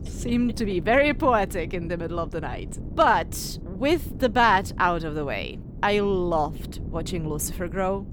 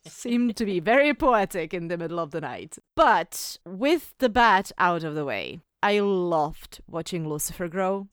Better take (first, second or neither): second